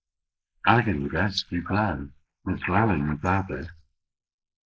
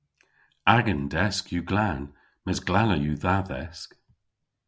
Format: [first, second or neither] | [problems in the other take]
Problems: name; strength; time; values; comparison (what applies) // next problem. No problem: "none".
second | noise reduction (neural mask model Resemble Enhance denoiser)